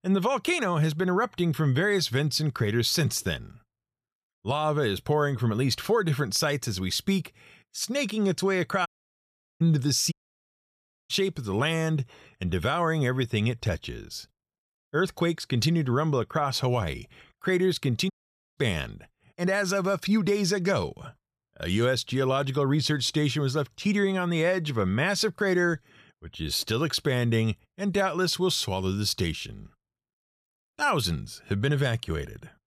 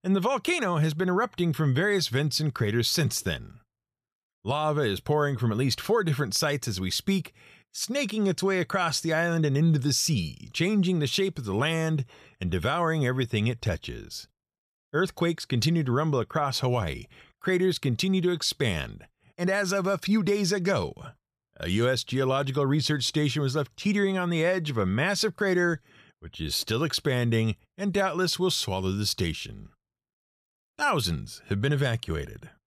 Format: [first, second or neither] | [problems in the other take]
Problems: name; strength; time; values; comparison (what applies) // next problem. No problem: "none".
second | audio cutting out; at 9 s for 0.5 s, at 10 s for 1 s and at 18 s